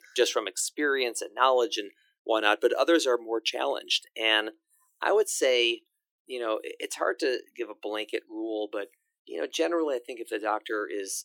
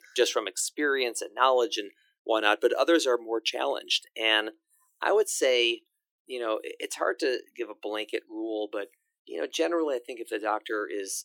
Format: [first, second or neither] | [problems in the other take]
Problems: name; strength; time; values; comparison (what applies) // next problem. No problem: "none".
neither | thin; very; fading below 300 Hz; the same in both